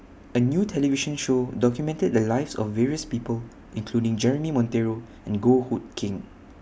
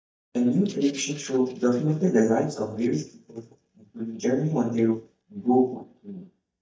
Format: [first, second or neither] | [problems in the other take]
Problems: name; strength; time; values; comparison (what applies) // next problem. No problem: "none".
first | noise reduction (neural mask model DeepFilterNet 3)